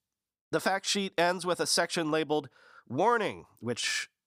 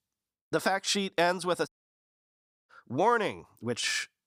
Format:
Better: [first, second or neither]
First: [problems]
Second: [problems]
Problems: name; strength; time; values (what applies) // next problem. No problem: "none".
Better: first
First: none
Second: audio cutting out; at 1.5 s for 1 s